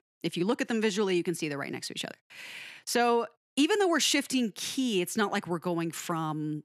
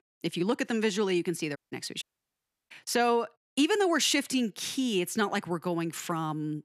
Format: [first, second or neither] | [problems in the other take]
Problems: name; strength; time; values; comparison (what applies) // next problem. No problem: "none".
first | audio cutting out; at 1.5 s and at 2 s for 0.5 s